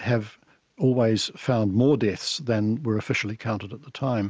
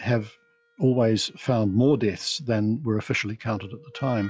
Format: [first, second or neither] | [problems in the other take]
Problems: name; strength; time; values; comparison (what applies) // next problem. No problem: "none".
first | noise reduction (classical method log-MMSE)